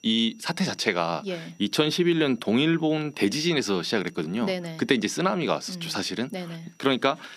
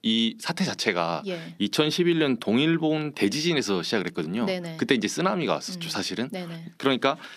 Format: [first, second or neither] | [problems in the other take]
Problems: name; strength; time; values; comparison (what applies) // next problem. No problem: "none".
second | high-pitched whine; faint; throughout; 6 kHz, 35 dB below the speech